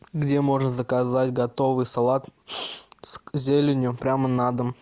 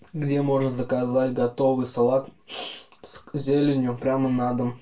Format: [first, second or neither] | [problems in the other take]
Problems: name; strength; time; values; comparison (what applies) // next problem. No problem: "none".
first | room echo; dies away in 0.2 s